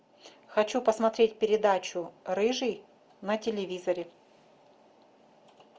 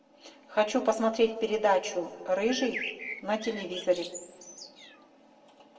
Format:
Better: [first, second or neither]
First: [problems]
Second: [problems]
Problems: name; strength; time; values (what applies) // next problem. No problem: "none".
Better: first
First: none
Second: background sound (Bird); 11 dB below the speech // room echo; dies away in 1.2 s